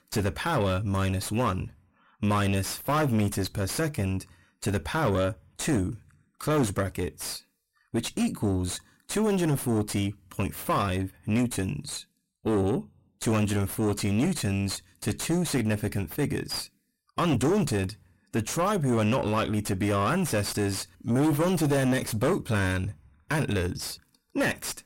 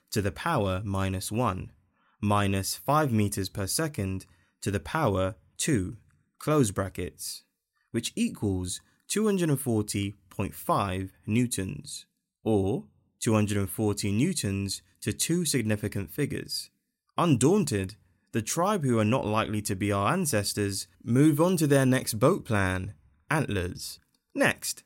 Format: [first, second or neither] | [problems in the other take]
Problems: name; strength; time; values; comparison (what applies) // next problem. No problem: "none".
second | distortion; heavy; 5 dB below the speech